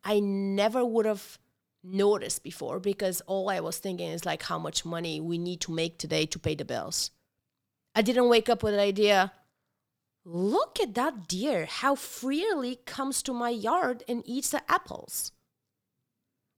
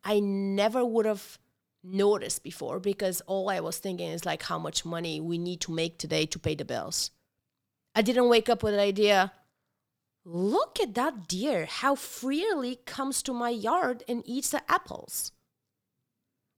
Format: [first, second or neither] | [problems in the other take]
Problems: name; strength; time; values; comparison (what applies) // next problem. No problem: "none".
neither | none